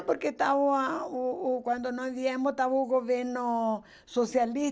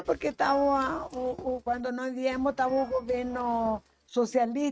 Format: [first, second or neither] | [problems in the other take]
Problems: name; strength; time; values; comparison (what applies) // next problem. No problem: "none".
first | noise reduction (neural mask model RNNoise)